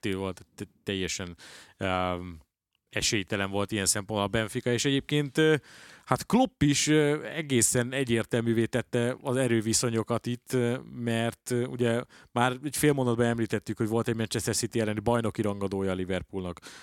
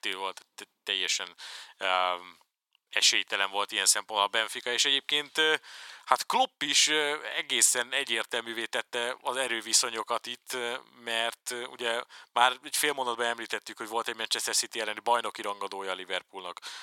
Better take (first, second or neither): first